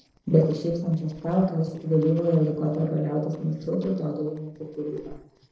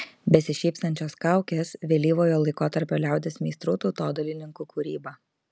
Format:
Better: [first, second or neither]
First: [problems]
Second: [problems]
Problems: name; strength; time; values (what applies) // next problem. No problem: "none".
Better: second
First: noise reduction (neural separator model SepFormer DNS4)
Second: none